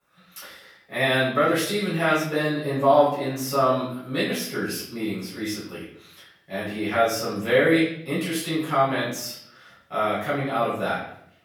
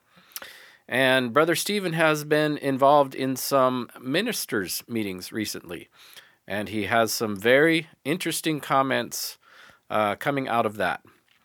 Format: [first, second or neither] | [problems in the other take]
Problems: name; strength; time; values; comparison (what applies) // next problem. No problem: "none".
second | off-mic speech; far // room echo; noticeable; dies away in 0.6 s